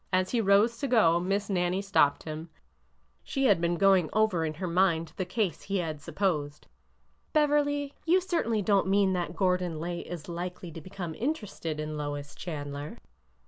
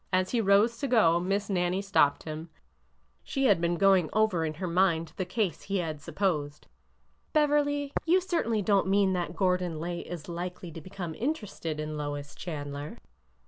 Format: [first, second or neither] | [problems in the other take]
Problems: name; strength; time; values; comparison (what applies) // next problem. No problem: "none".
first | background sound (Tap); 15 dB below the speech